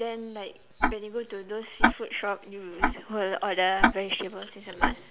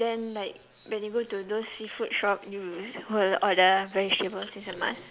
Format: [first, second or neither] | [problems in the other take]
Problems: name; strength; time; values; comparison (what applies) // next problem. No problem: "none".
second | background sound (Tick-tock); 2 dB above the speech